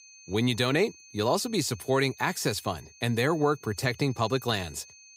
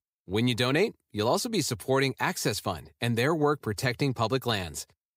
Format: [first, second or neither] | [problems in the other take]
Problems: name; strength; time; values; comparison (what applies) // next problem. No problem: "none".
second | high-pitched whine; faint; throughout; 6.5 kHz, 20 dB below the speech